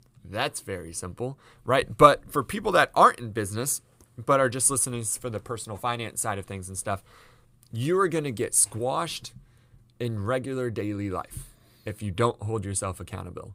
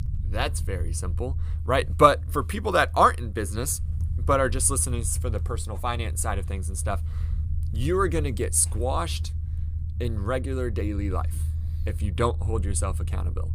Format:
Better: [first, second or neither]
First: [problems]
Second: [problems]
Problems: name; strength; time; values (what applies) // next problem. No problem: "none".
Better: first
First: none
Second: low rumble; faint; throughout; 20 dB below the speech